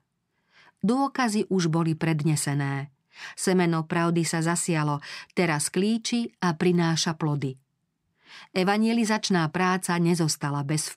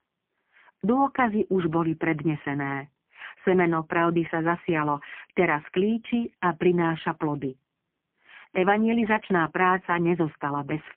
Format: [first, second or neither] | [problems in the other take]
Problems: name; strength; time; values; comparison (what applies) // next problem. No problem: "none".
first | phone-call audio; poor line